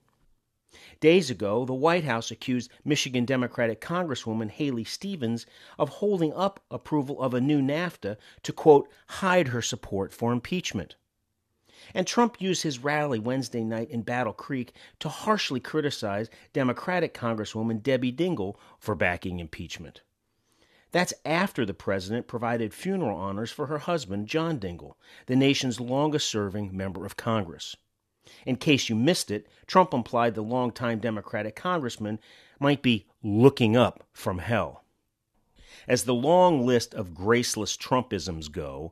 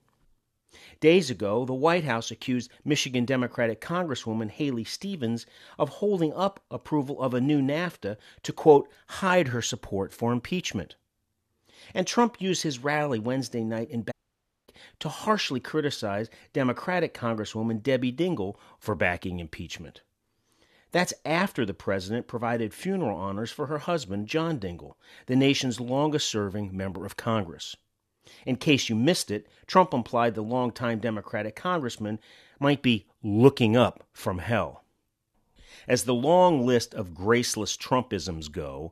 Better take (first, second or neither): first